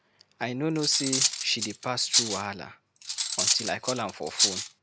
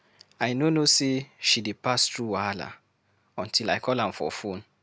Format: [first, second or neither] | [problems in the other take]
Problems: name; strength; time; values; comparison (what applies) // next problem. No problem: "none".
second | background sound (Cutlery, silverware); 3 dB above the speech